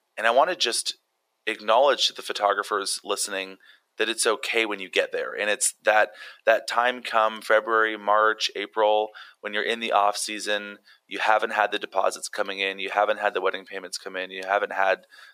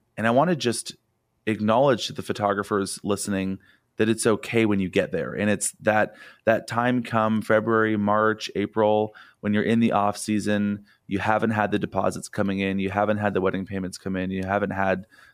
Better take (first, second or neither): second